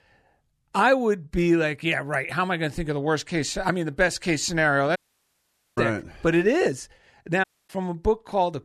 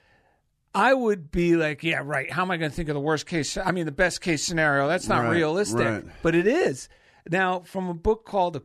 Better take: second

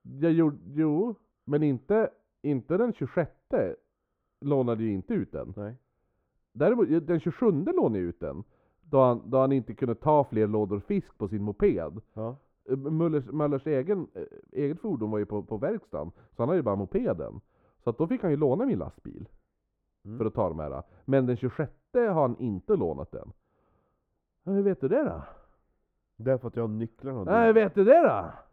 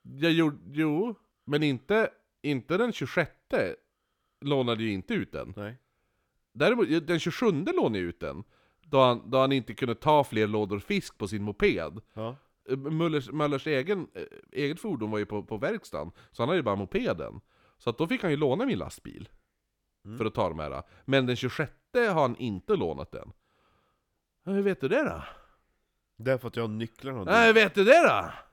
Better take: second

